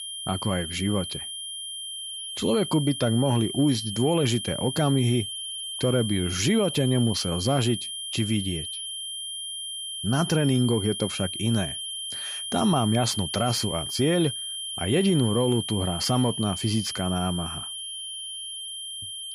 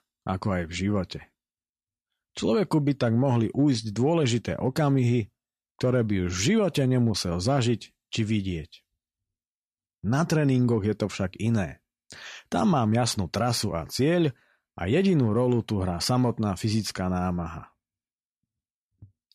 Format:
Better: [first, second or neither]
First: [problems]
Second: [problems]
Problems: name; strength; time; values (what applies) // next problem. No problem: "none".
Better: second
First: high-pitched whine; loud; throughout; 3 kHz, 6 dB below the speech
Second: none